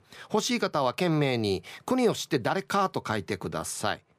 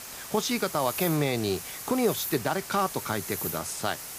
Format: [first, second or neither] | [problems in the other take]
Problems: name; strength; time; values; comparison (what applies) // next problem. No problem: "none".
first | hiss; loud; throughout; 6 dB below the speech